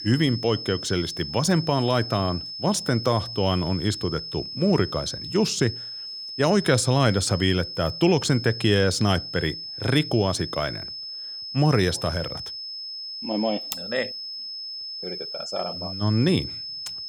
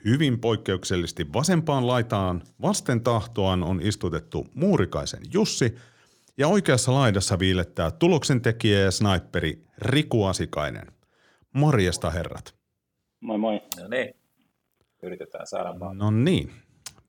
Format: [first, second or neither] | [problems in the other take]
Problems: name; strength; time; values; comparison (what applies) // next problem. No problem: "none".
second | high-pitched whine; loud; throughout; 5 kHz, 8 dB below the speech